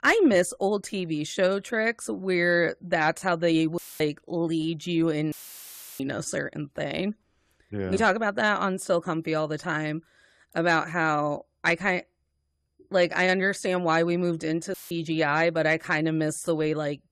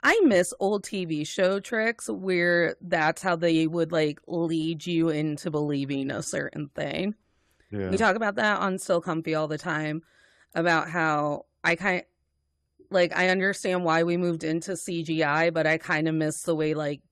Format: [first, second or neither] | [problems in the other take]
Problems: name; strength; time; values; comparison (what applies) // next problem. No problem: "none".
second | audio cutting out; filled with static; at 4 s, at 5.5 s for 0.5 s and at 15 s